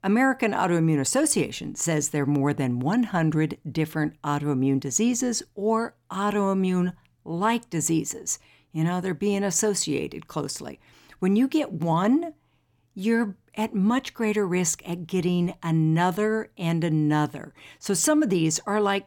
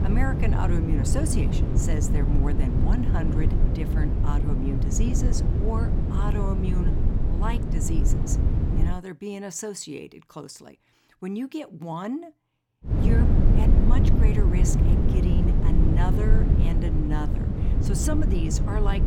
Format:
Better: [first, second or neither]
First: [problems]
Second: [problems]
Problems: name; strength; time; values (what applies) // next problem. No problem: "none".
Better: first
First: none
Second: low rumble; loud; until 9 s and from 13 s on; as loud as the speech